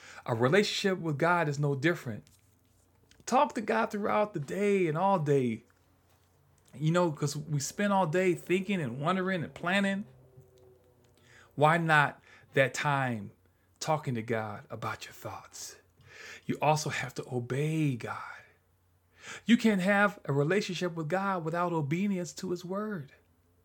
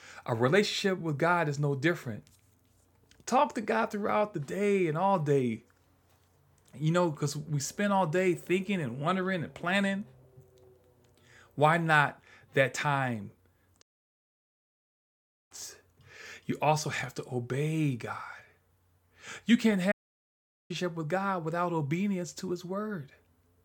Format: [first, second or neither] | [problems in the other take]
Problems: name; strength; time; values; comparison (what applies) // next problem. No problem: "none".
first | audio cutting out; at 14 s for 1.5 s and at 20 s for 1 s